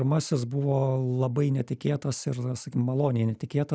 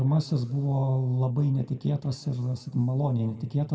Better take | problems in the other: first | room echo; dies away in 1.7 s

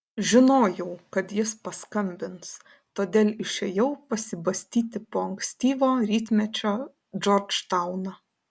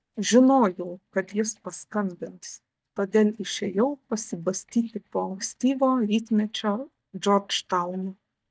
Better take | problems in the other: first | noise reduction (neural mask model DeepFilterNet 3)

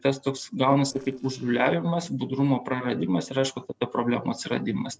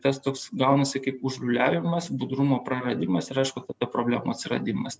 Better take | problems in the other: second | noise reduction (neural separator model SepFormer DNS4)

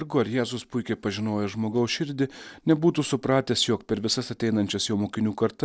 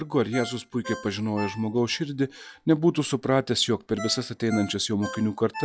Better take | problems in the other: first | noise reduction (classical method log-MMSE)

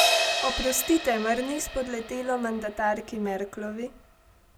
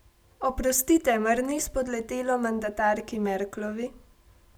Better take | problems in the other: second | background sound (Crash cymbal); 2 dB below the speech

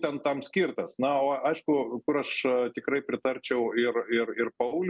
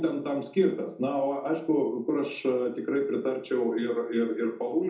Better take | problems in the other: first | room echo; dies away in 0.6 s

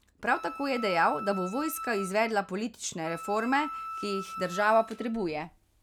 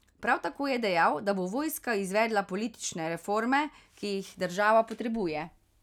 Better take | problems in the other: second | background sound (Wind instrument, woodwind instrument); 10 dB below the speech

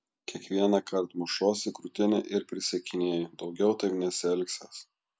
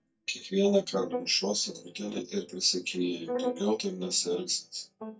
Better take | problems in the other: first | noise reduction (neural mask model DeepFilterNet 3)

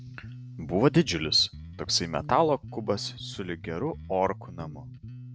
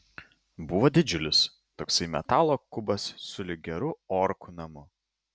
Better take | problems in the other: second | background sound (Bass guitar); 14 dB below the speech

